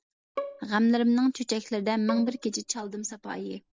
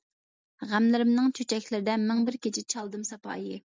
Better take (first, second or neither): second